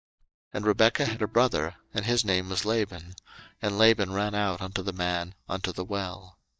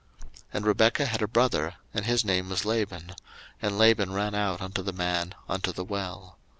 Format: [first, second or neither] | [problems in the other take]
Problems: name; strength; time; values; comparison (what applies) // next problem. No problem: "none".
second | noise reduction (neural mask model DeepFilterNet 3)